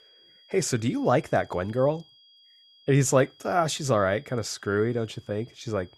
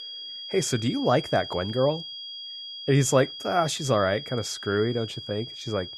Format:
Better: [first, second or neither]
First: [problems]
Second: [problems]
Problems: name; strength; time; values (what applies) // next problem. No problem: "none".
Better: first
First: high-pitched whine; faint; throughout; 3.5 kHz, 30 dB below the speech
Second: high-pitched whine; loud; throughout; 3.5 kHz, 10 dB below the speech